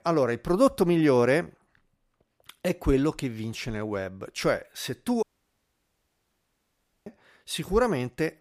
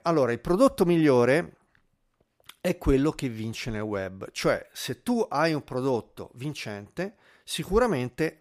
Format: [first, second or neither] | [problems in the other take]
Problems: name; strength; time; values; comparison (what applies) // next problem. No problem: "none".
second | audio cutting out; at 5 s for 2 s